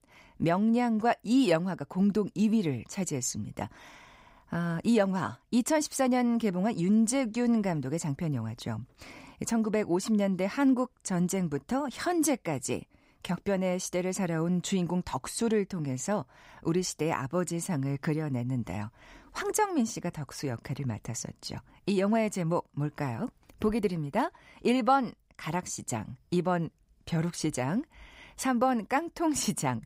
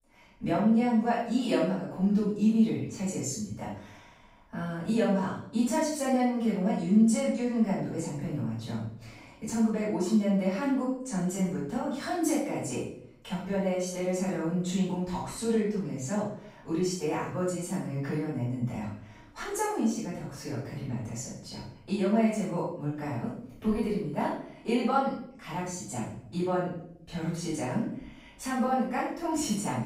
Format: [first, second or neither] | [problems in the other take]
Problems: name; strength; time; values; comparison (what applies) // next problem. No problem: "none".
first | room echo; noticeable; dies away in 0.6 s // off-mic speech; far